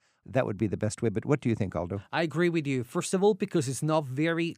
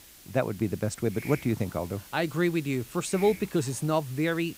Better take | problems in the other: first | hiss; noticeable; throughout; 15 dB below the speech

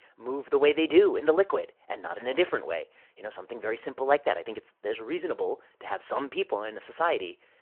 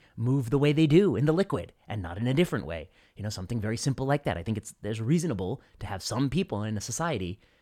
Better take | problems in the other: second | phone-call audio

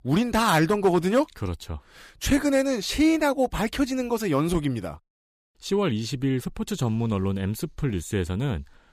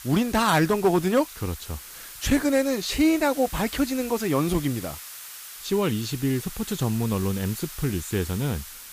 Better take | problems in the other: first | hiss; noticeable; throughout; 15 dB below the speech

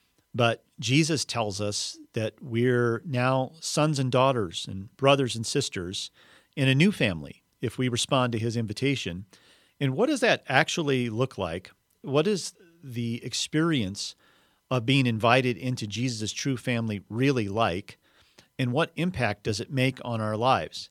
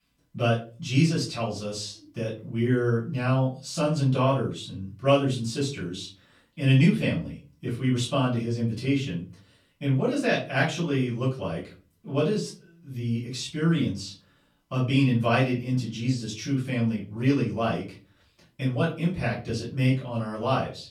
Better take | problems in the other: first | room echo; slight; dies away in 0.3 s // off-mic speech; far

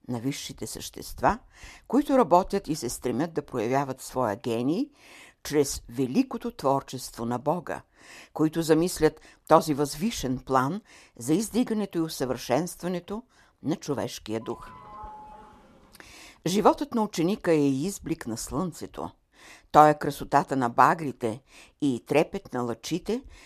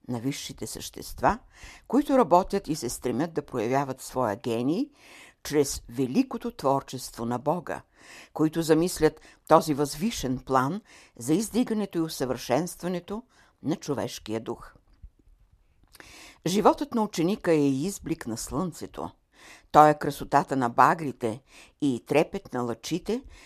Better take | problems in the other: second | doorbell; faint; from 14 to 16 s; peak 15 dB below the speech

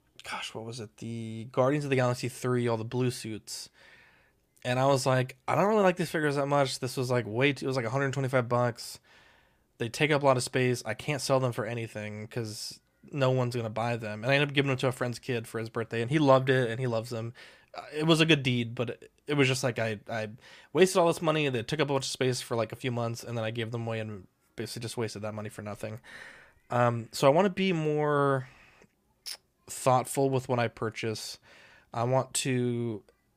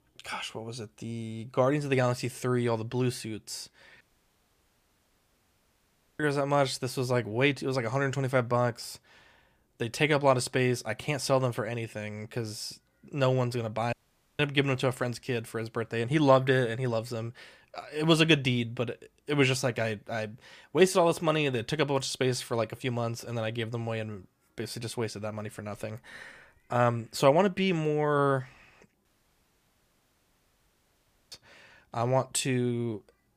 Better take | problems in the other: first | audio cutting out; at 4 s for 2 s, at 14 s and at 29 s for 2.5 s

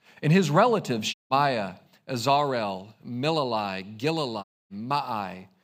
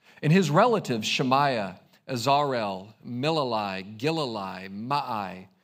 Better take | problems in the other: second | audio cutting out; at 1 s and at 4.5 s

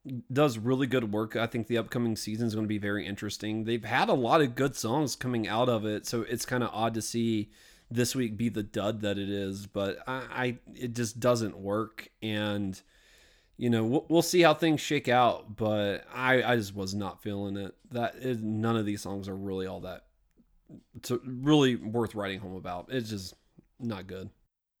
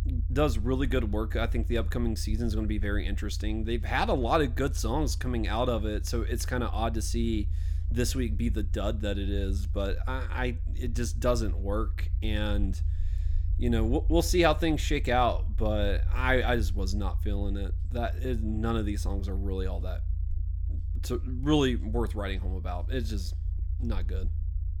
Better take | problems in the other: first | low rumble; faint; throughout; 20 dB below the speech

